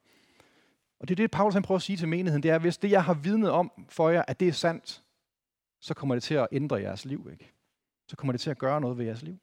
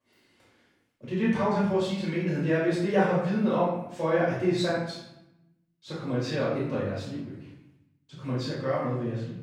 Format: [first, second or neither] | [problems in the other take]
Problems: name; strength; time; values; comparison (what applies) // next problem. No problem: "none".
first | off-mic speech; far // room echo; noticeable; dies away in 0.7 s